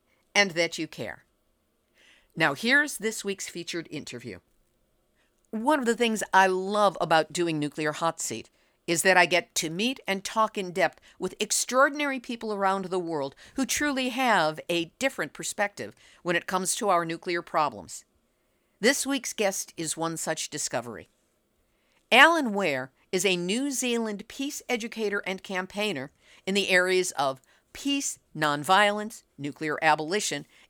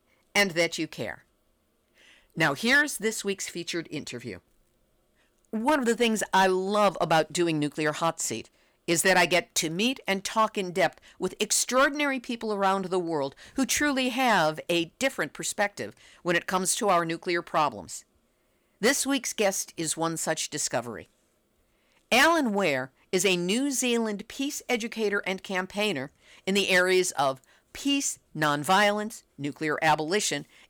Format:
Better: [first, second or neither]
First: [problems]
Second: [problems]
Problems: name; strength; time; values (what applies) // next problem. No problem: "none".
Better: first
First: none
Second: distortion; slight; 2% of the sound clipped